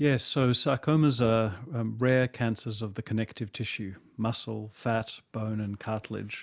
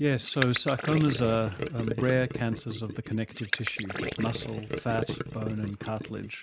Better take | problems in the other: first | background sound (Gurgling); 6 dB below the speech

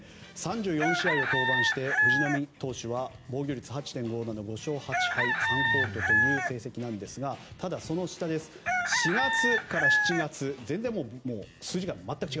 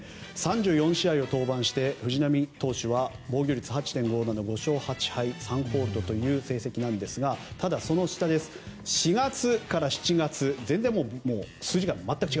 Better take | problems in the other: second | background sound (Chicken, rooster); 4 dB above the speech

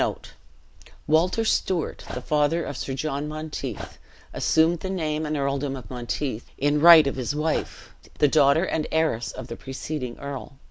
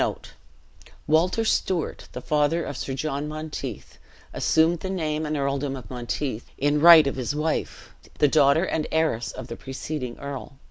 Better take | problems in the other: second | background sound (Dog); 16 dB below the speech

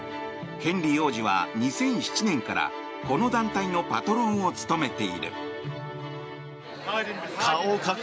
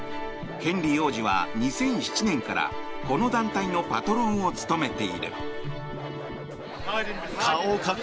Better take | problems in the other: first | background sound (Scratching (performance technique)); 10 dB below the speech

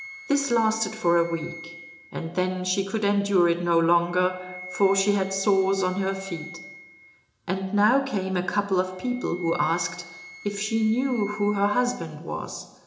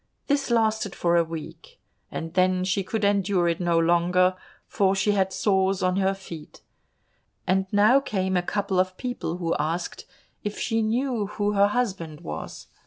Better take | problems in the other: second | background sound (Wind instrument, woodwind instrument); 19 dB below the speech // room echo; dies away in 0.8 s

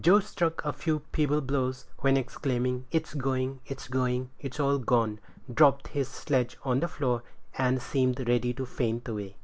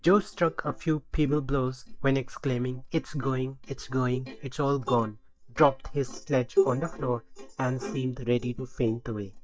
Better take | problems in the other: first | noise reduction (neural mask model DeepFilterNet 3)

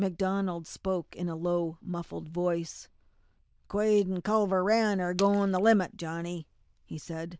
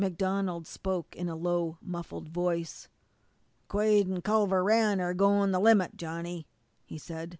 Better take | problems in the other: second | noise reduction (neural diffusion model UNIVERSE++)

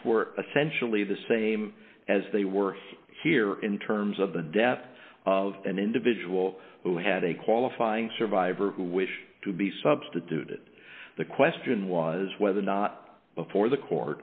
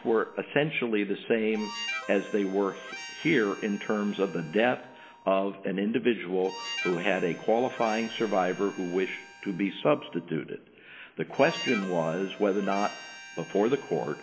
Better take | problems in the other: first | background sound (Harmonica); 14 dB below the speech

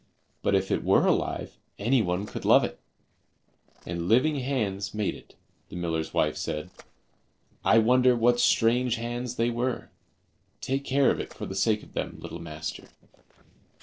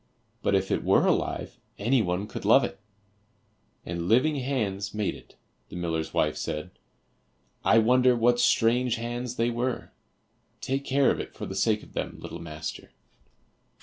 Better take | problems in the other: second | noise reduction (neural separator model SepFormer DNS4)

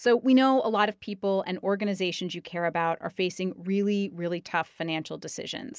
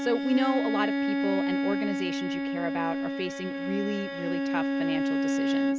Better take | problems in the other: first | background sound (Bowed string instrument); 3 dB above the speech

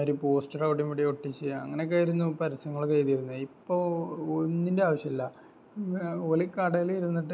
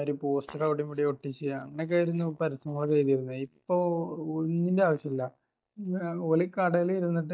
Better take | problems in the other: first | noise reduction (neural mask model DeepFilterNet 3)

